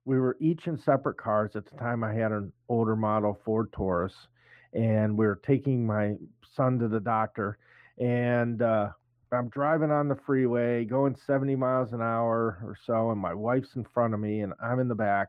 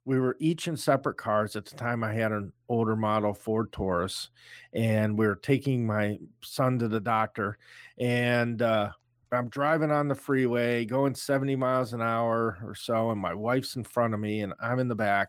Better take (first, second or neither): second